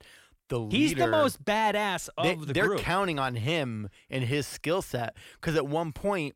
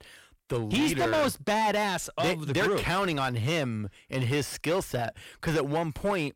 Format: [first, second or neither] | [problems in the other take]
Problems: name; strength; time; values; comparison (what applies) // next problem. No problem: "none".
first | distortion; slight; 12% of the sound clipped